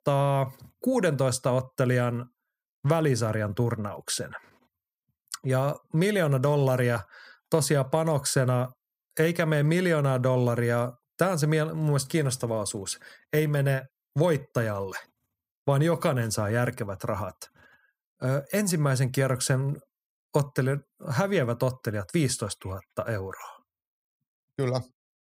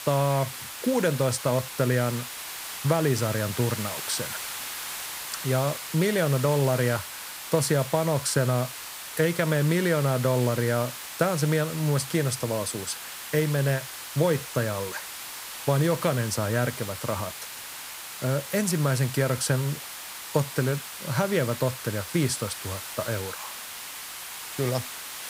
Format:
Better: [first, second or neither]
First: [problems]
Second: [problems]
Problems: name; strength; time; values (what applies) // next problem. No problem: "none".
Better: first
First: none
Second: hiss; loud; throughout; 8 dB below the speech